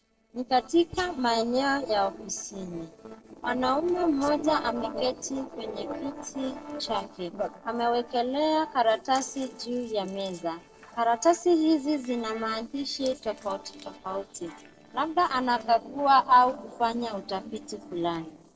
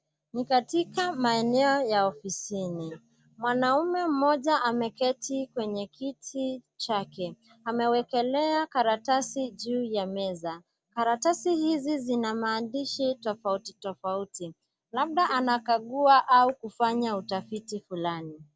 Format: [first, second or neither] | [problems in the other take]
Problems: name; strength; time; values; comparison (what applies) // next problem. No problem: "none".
second | noise reduction (neural separator model SepFormer DNS4)